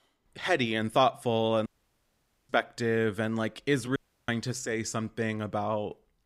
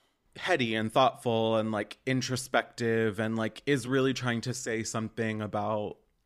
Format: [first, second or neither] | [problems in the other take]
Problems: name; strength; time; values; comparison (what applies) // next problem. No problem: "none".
second | audio cutting out; at 1.5 s for 1 s and at 4 s